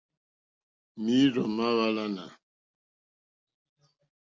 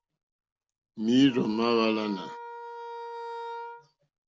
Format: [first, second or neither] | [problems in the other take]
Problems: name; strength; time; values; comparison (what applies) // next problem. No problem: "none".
first | background sound (Wind instrument, woodwind instrument); 13 dB below the speech